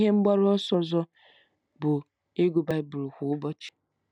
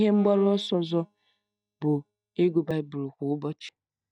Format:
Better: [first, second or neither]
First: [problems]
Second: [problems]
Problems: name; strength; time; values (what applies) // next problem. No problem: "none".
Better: first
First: none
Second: noise reduction (neural mask model DeepFilterNet 3)